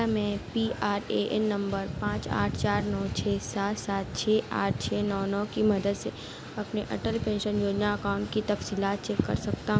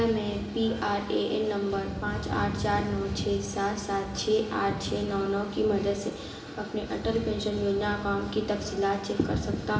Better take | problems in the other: first | room echo; dies away in 0.9 s

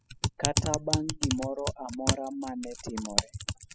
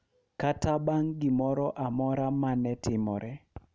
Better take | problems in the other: second | noise reduction (classical method spectral subtraction)

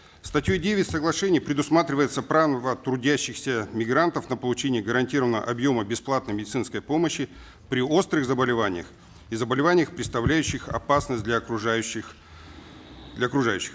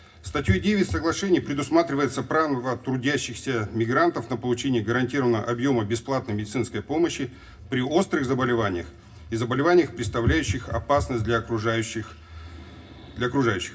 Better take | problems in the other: first | room echo; dies away in 0.4 s

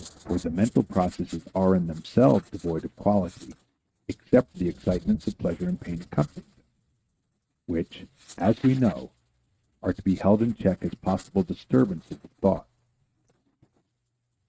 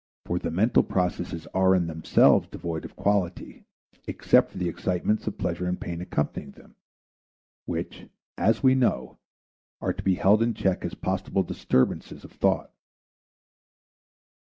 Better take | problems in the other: second | noise reduction (neural mask model RNNoise)

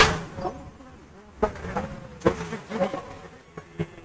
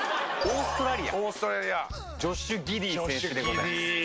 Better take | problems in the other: second | noise reduction (neural mask model RNNoise)

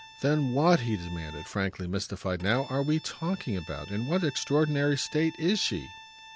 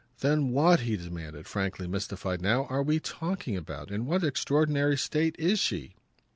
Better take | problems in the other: second | background sound (Bowed string instrument); 19 dB below the speech

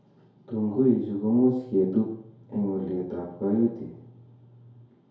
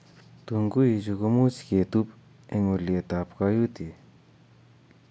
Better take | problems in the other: second | room echo; dies away in 2.3 s

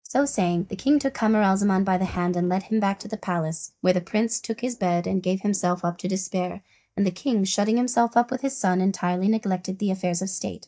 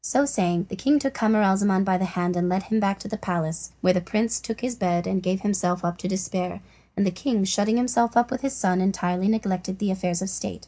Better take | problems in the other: second | noise reduction (neural mask model DeepFilterNet 3)

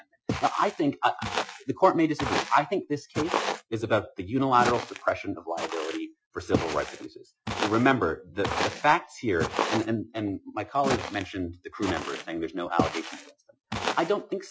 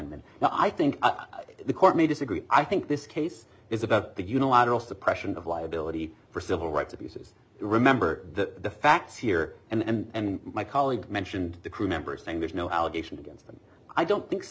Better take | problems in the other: second | noise reduction (classical method Wiener filter)

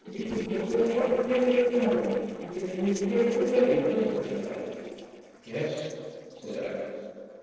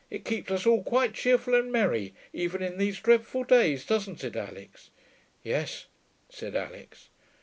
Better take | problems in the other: second | noise reduction (neural separator model SepFormer DNS4)

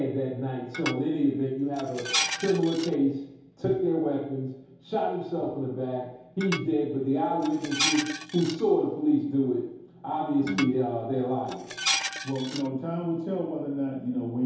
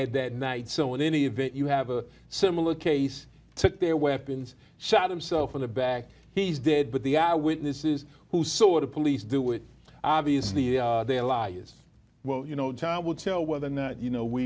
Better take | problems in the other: second | background sound (Dishes, pots, and pans); 6 dB below the speech // room echo; dies away in 0.8 s

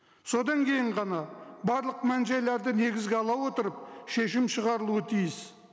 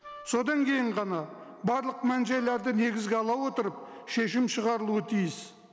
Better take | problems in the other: first | background sound (Wind instrument, woodwind instrument); 19 dB below the speech

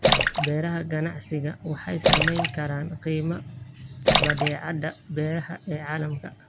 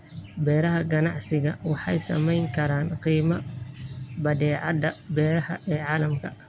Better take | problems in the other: second | background sound (Splash, splatter); 2 dB above the speech

